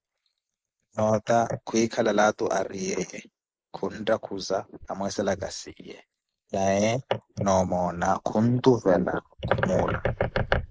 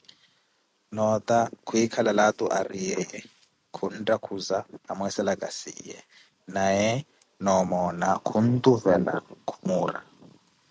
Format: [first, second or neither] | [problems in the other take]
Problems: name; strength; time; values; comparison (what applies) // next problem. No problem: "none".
second | noise reduction (neural mask model Resemble Enhance denoiser)